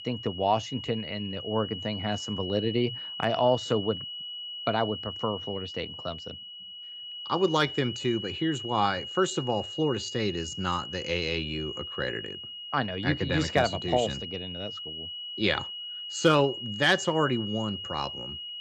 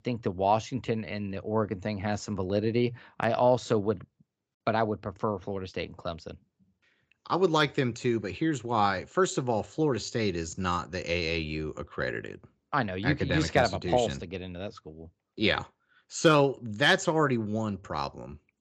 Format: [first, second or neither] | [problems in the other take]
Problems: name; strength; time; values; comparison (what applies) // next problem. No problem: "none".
second | high-pitched whine; loud; throughout; 3 kHz, 7 dB below the speech